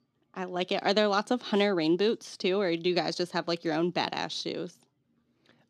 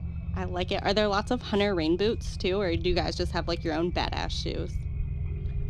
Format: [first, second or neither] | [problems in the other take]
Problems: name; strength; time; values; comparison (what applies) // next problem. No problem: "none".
first | low rumble; faint; throughout; 20 dB below the speech